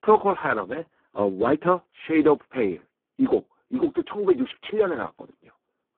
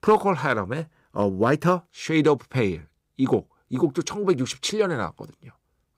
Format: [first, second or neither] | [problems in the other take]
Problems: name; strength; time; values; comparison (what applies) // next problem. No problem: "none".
second | phone-call audio; poor line